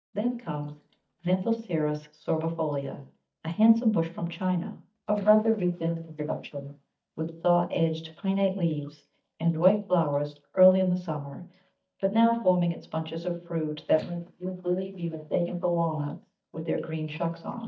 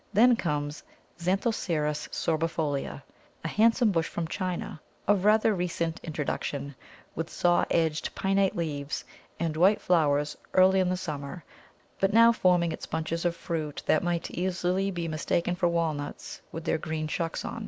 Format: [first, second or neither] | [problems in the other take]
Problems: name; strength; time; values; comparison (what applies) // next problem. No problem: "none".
second | noise reduction (neural mask model DeepFilterNet 3)